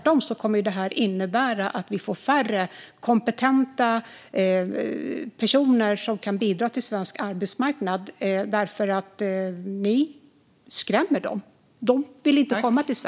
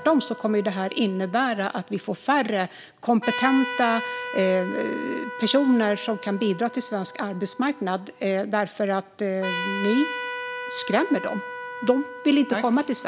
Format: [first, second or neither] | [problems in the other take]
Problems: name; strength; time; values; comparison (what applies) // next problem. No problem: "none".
first | background sound (Trumpet); 11 dB below the speech